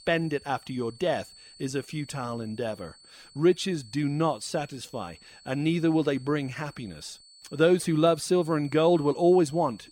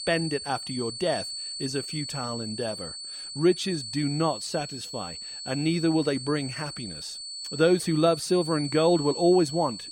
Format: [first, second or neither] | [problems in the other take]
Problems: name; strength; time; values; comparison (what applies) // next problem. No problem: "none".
first | high-pitched whine; loud; throughout; 4.5 kHz, 8 dB below the speech; faint in the first